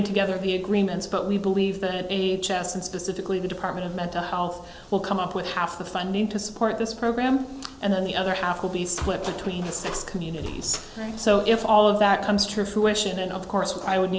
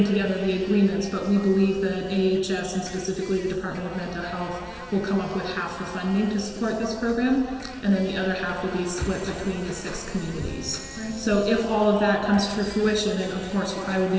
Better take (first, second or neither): first